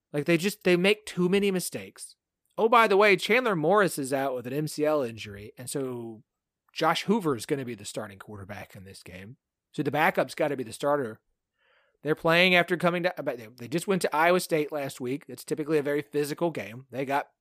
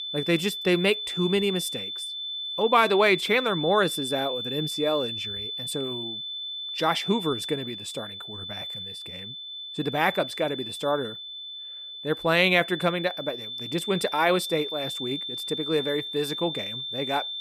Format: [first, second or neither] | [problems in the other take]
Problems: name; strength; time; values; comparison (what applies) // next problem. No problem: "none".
first | high-pitched whine; loud; throughout; 3.5 kHz, 6 dB below the speech